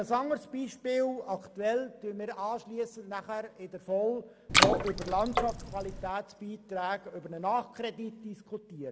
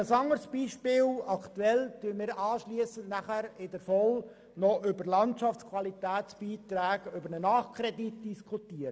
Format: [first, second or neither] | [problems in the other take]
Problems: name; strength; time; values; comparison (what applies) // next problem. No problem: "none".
second | background sound (Water / Splash, splatter); 5 dB above the speech